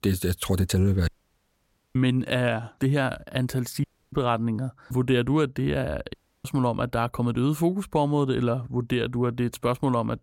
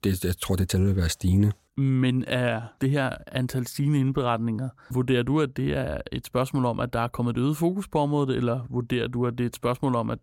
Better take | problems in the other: second | audio cutting out; at 1 s for 1 s, at 4 s and at 6 s

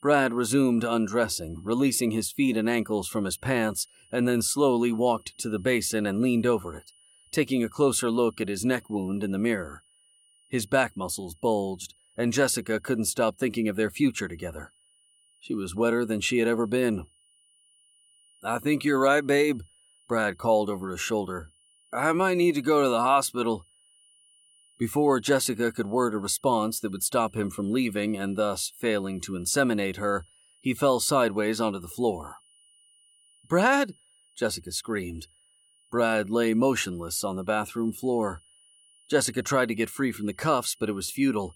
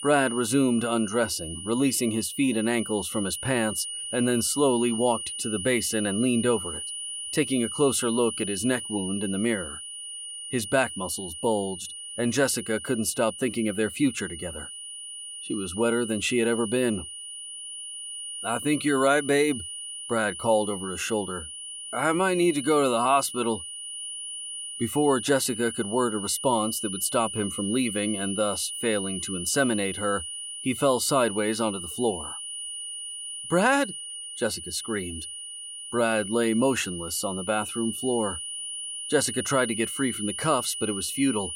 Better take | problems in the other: first | high-pitched whine; loud; throughout; 9.5 kHz, 7 dB below the speech; faint in the first

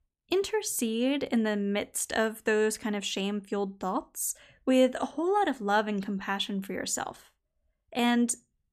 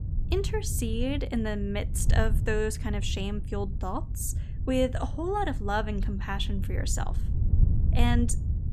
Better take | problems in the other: first | wind noise on the microphone; occasional gusts; 15 dB below the speech

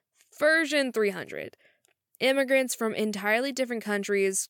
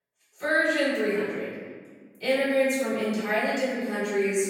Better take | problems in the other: first | off-mic speech; far // room echo; strong; dies away in 1.5 s

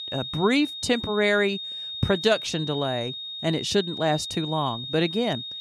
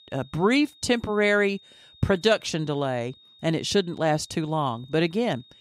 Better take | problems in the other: second | high-pitched whine; loud; throughout; 3.5 kHz, 7 dB below the speech; faint in the second

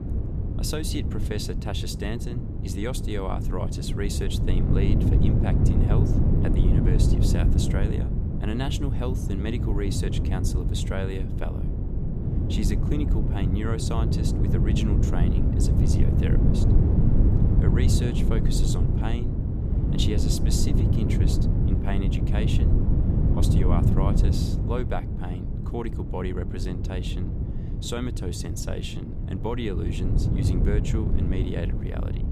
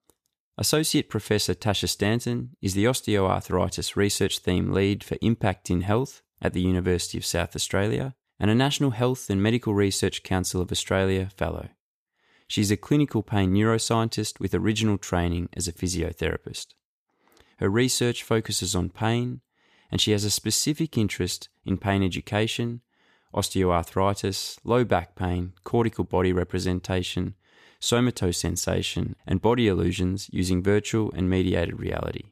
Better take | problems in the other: second | wind noise on the microphone; heavy; 1 dB below the speech

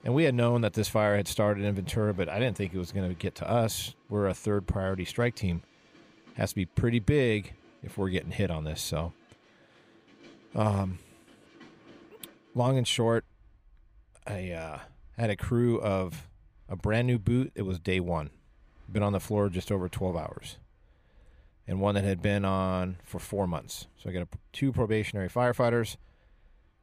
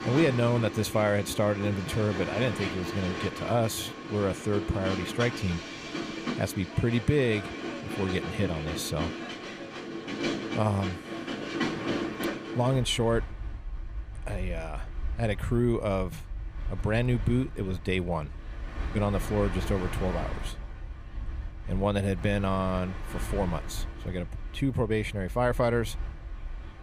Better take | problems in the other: first | train or aircraft noise; loud; throughout; 7 dB below the speech; faint in the first

